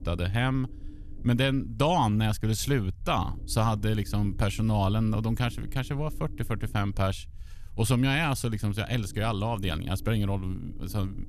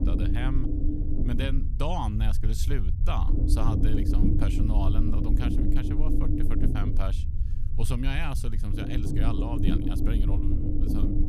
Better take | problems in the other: first | low rumble; loud; throughout; as loud as the speech; faint in the first

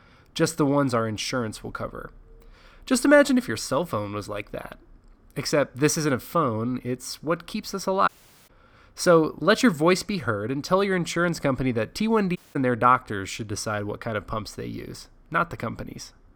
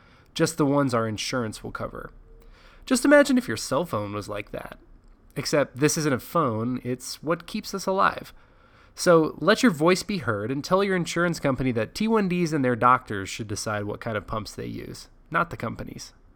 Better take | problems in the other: second | audio cutting out; at 8 s and at 12 s

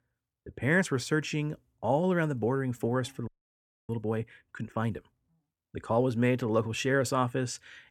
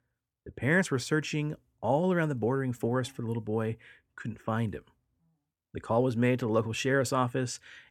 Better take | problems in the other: second | audio freezing; at 3.5 s for 0.5 s

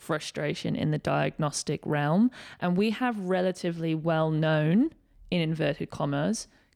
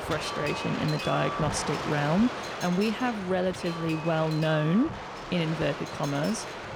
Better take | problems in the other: first | wind noise on the microphone; heavy; 3 dB below the speech

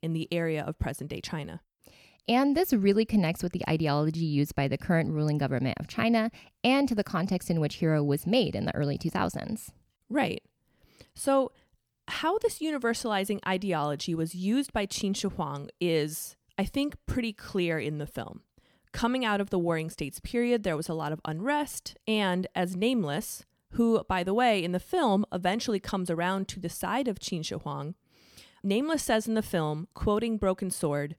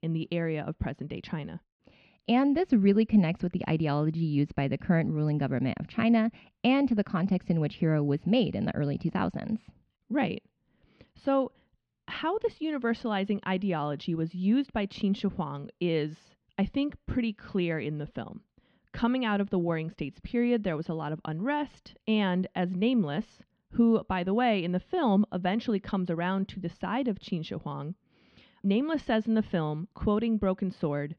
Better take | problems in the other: first | muffled; slightly; fading above 3.5 kHz

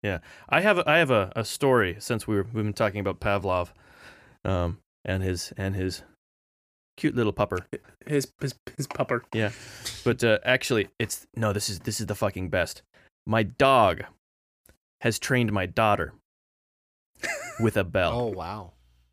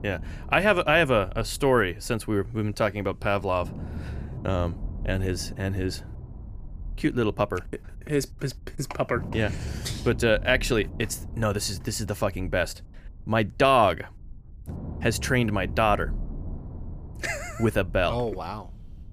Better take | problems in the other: first | low rumble; faint; throughout; 25 dB below the speech

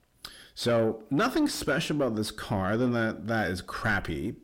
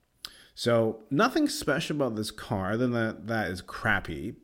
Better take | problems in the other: second | distortion; slight; 10 dB below the speech

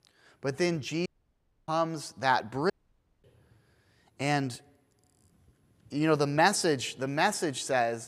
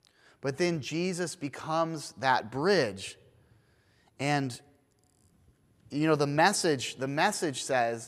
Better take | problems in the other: second | audio cutting out; at 1 s for 0.5 s and at 2.5 s for 0.5 s

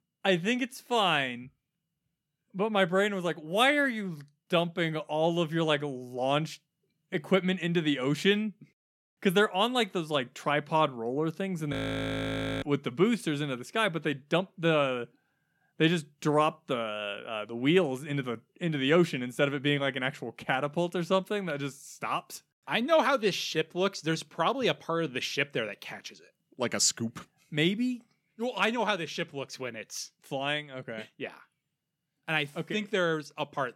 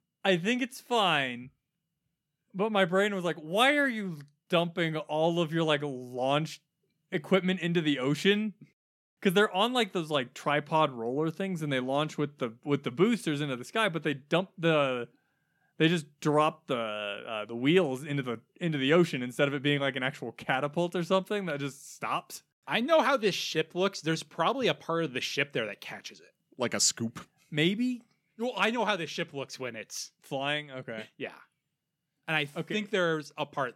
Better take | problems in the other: second | audio freezing; at 12 s for 1 s

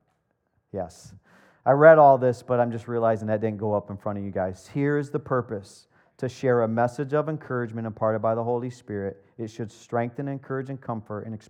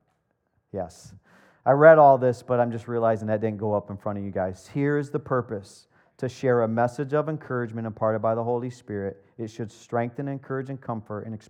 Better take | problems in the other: neither | muffled; very; fading above 2 kHz; the same in both

